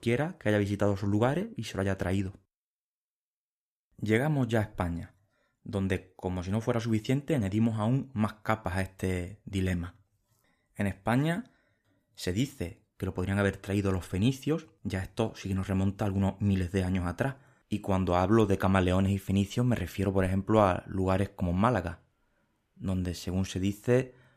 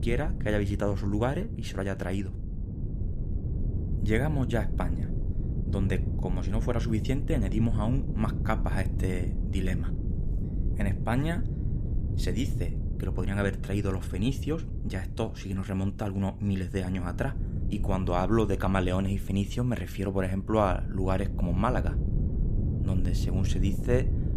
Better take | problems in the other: first | wind noise on the microphone; occasional gusts; 10 dB below the speech

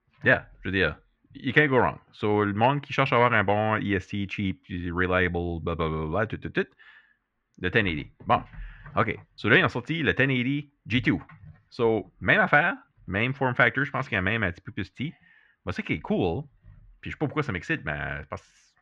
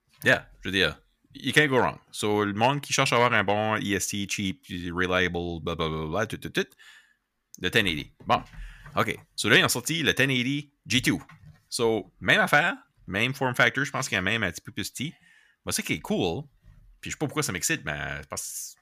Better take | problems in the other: second | muffled; very; fading above 2.5 kHz

